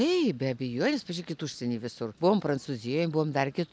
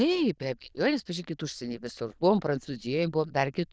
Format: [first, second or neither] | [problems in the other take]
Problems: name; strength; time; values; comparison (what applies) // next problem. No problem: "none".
first | noise reduction (neural diffusion model UNIVERSE++)